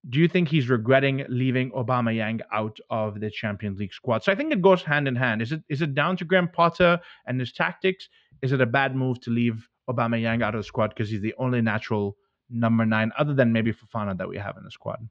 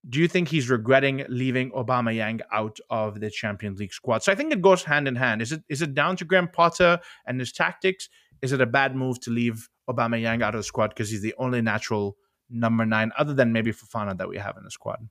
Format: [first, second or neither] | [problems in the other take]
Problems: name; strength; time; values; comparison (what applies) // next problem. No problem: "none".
second | muffled; slightly; fading above 4 kHz